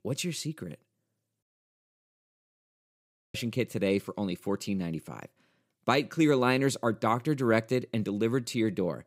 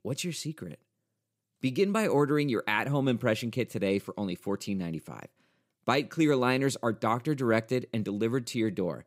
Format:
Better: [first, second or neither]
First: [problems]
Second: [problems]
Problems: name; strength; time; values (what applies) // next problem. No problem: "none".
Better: second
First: audio cutting out; at 1.5 s for 2 s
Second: none